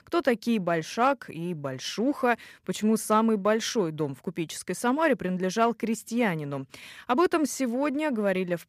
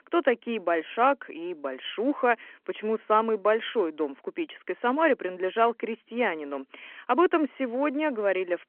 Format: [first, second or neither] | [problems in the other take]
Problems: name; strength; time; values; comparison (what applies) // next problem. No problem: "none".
first | phone-call audio